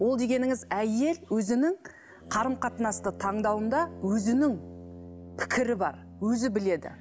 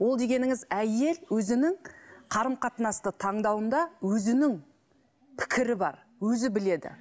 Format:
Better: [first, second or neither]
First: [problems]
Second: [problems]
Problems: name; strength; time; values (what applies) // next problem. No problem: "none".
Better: second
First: background sound (Brass instrument); 17 dB below the speech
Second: none